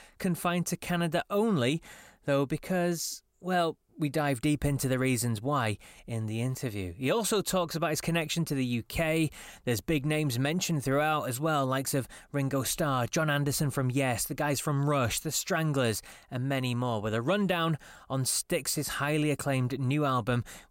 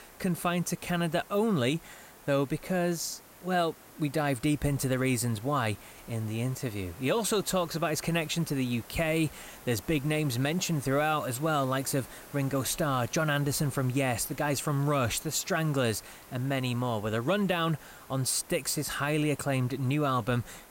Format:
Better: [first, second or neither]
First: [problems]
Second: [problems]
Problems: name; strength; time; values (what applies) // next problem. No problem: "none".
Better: first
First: none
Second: hiss; noticeable; throughout; 20 dB below the speech